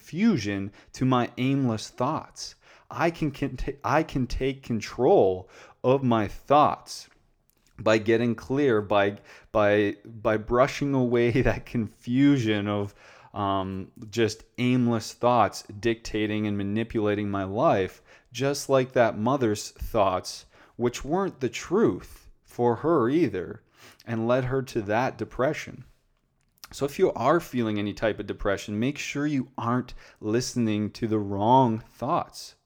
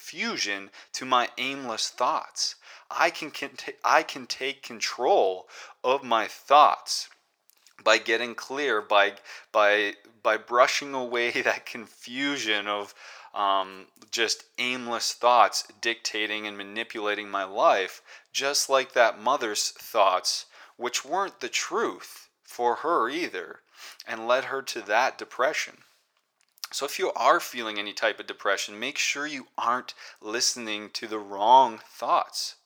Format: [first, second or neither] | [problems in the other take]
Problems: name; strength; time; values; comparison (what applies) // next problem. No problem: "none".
first | thin; very; fading below 800 Hz